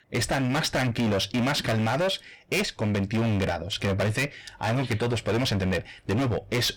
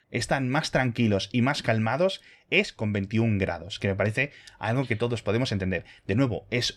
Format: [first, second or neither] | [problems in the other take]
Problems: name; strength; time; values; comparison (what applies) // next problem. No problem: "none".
second | distortion; heavy; 26% of the sound clipped